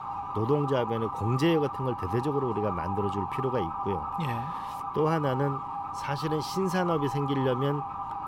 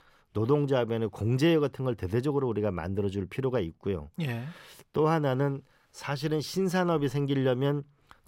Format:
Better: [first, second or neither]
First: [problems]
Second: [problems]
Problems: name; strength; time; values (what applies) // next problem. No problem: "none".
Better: second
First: siren; noticeable; peak 3 dB below the speech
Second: none